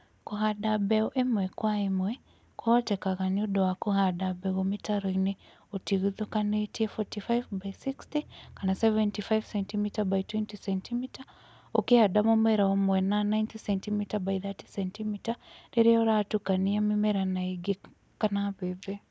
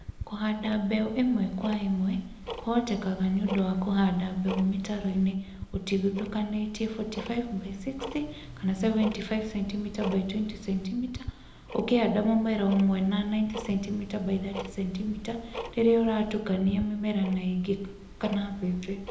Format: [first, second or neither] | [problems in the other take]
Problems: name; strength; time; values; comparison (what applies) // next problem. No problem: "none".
first | background sound (Tick-tock); 14 dB below the speech // room echo; dies away in 0.8 s